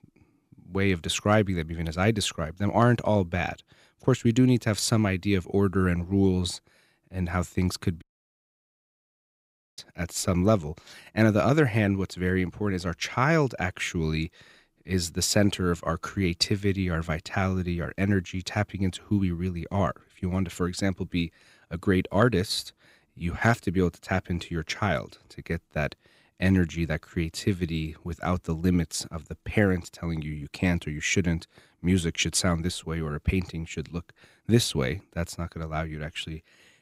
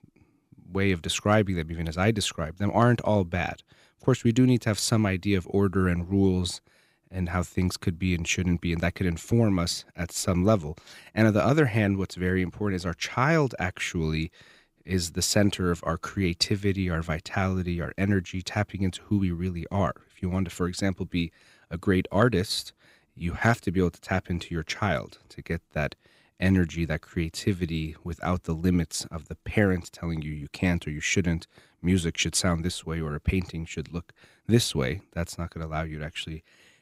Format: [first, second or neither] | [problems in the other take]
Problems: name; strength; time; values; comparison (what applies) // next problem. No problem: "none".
second | audio cutting out; at 8 s for 2 s